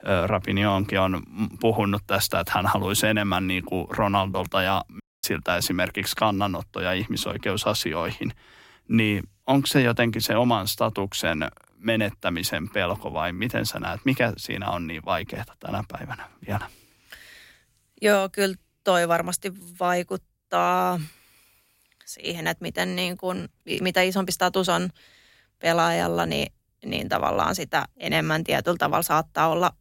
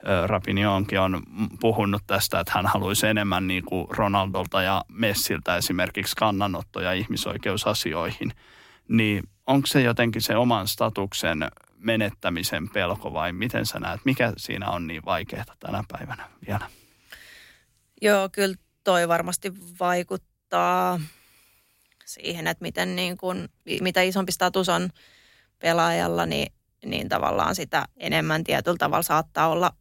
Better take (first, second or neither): second